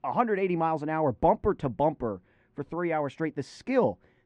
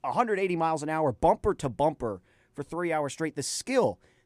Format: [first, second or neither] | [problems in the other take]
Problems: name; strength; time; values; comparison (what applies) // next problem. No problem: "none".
second | muffled; slightly; fading above 2.5 kHz